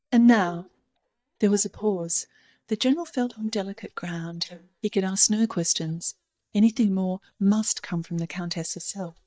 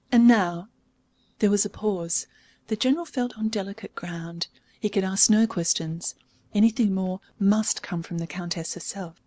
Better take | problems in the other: second | noise reduction (neural mask model DeepFilterNet 3)

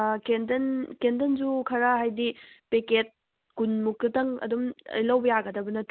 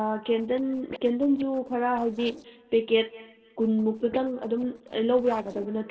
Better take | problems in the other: first | noise reduction (neural separator model SepFormer DNS4)

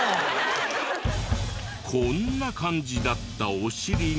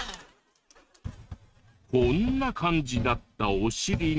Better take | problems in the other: first | noise reduction (neural mask model RNNoise)

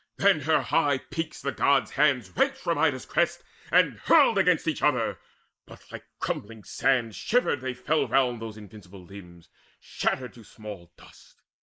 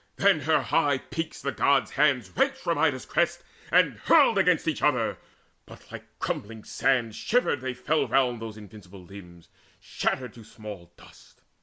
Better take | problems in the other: second | noise reduction (neural mask model Resemble Enhance denoiser)

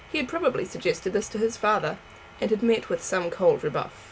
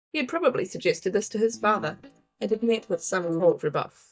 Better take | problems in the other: first | noise reduction (neural mask model DeepFilterNet 3)

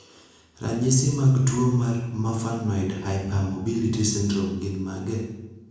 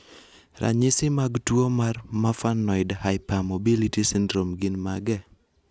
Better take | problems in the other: second | room echo; dies away in 0.9 s

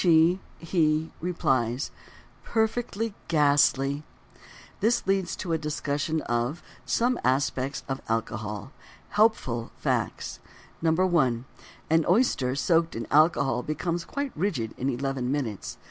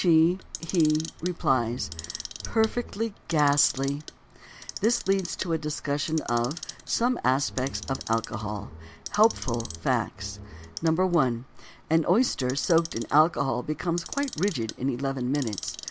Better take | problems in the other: first | background sound (Clock + Bowed string instrument); 14 dB below the speech

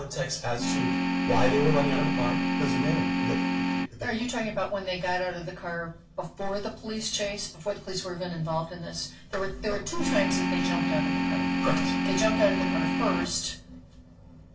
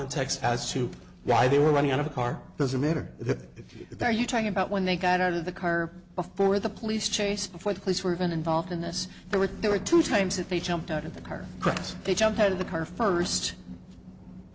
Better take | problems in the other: second | background sound (Organ); 4 dB above the speech // room echo; dies away in 0.2 s

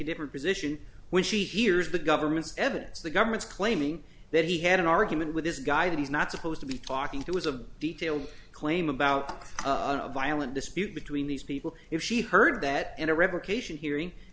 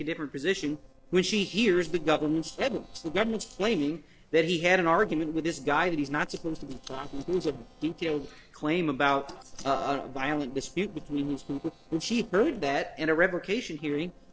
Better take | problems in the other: first | noise reduction (neural separator model SepFormer DNS4)

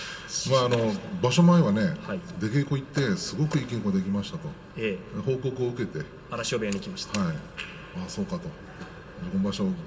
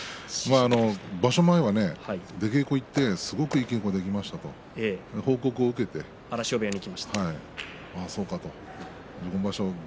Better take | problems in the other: second | room echo; dies away in 2.4 s

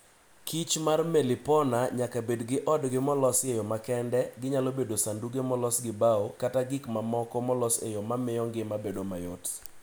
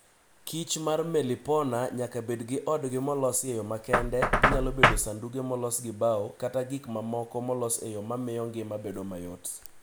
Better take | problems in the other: first | background sound (Knock); 3 dB below the speech

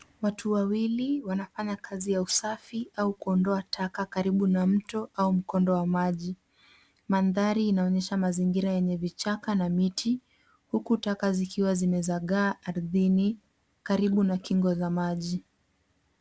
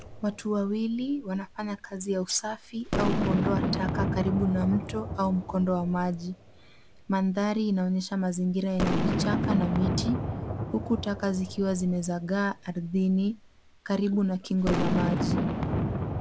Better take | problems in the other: first | background sound (Boom); 3 dB below the speech

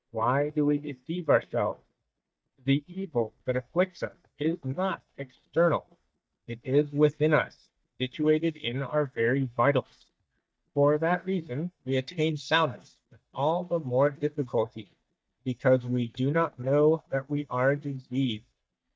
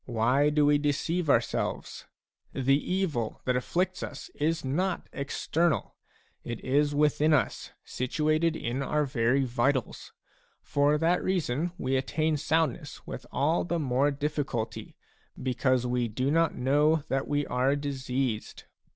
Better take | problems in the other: second | noise reduction (neural mask model DeepFilterNet 3)

